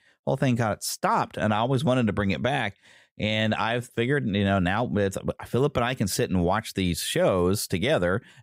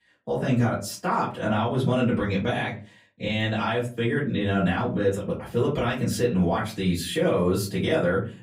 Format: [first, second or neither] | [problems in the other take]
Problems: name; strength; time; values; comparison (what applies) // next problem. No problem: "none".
first | off-mic speech; far // room echo; very slight; dies away in 0.3 s